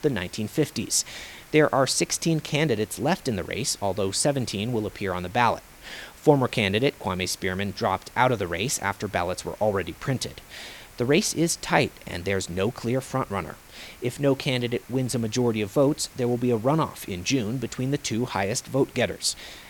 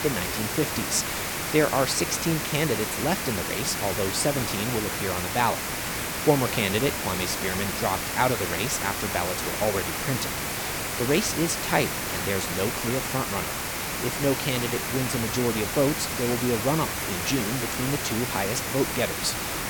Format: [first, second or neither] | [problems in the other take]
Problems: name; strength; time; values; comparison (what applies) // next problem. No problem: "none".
first | hiss; loud; throughout; 1 dB below the speech; faint in the first